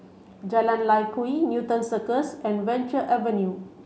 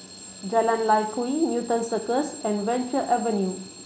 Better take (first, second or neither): first